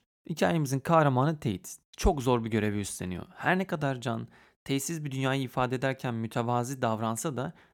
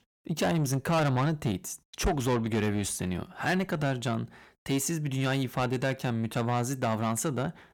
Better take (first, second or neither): first